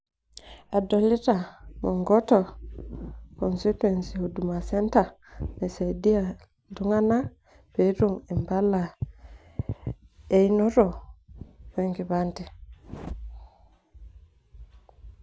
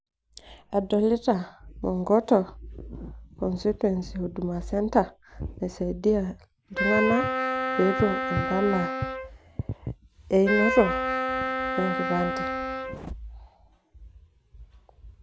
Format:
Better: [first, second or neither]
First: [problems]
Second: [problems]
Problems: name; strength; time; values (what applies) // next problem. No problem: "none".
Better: first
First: none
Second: background sound (Wind instrument, woodwind instrument); 1 dB below the speech